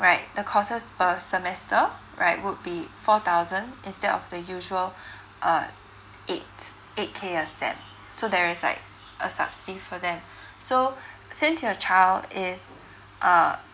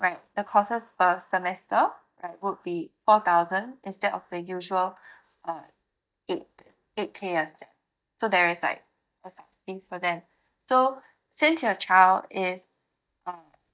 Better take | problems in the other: first | noise reduction (neural mask model DeepFilterNet 3)

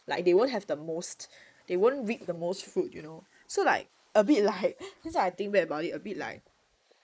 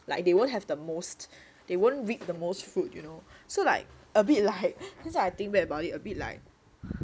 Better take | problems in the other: second | noise reduction (neural mask model Resemble Enhance denoiser)

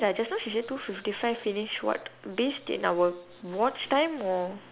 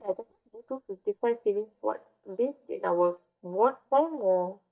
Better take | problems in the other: first | noise reduction (neural mask model DeepFilterNet 3)

